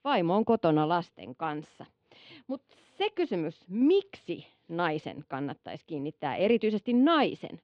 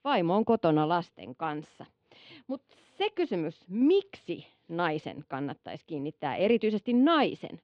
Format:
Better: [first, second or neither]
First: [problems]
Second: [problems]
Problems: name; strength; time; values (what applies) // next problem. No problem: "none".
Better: neither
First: muffled; very; fading above 3 kHz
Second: muffled; very; fading above 3 kHz